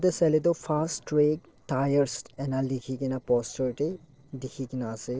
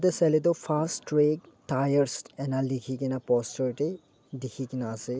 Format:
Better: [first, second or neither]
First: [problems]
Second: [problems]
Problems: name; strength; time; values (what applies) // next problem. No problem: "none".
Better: second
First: noise reduction (neural separator model SepFormer DNS4)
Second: none